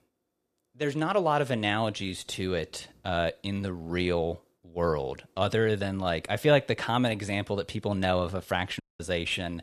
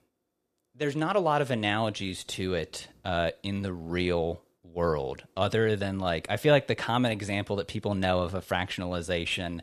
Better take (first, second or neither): second